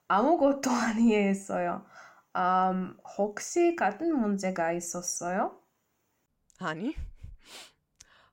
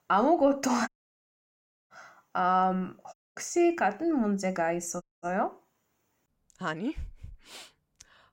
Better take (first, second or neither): first